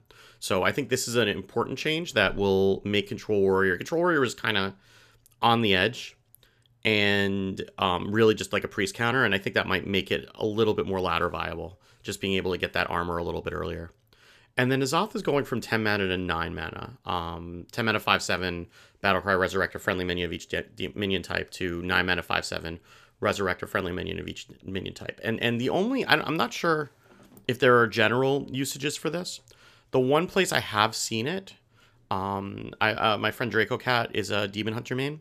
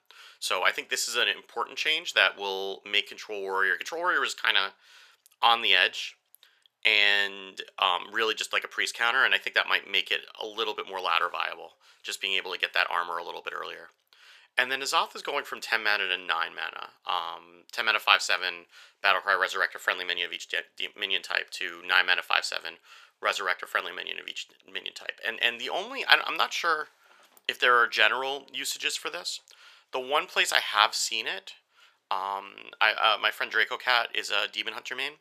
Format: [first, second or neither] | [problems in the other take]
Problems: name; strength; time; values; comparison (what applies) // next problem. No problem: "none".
first | thin; very; fading below 800 Hz